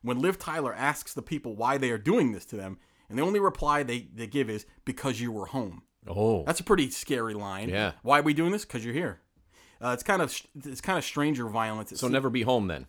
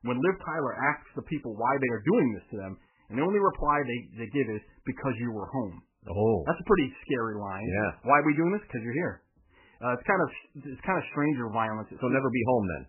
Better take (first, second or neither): first